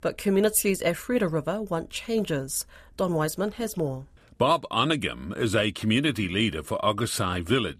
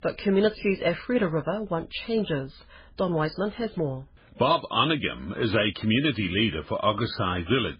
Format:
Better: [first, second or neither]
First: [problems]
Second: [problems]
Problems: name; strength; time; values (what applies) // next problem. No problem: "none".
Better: first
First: none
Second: garbled, watery; badly; nothing above 5 kHz